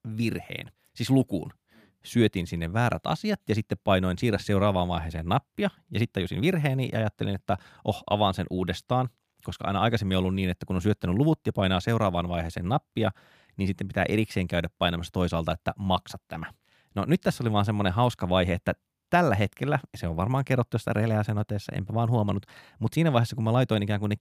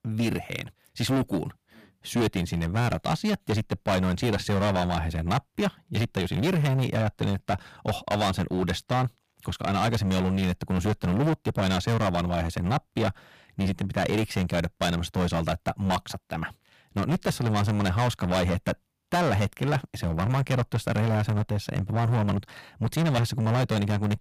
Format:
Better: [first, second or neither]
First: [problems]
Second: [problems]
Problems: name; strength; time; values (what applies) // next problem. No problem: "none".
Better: first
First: none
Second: distortion; heavy; 17% of the sound clipped